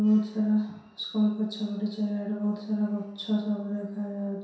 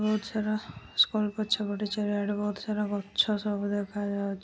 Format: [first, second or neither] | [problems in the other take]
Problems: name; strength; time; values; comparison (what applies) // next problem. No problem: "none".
second | room echo; dies away in 0.7 s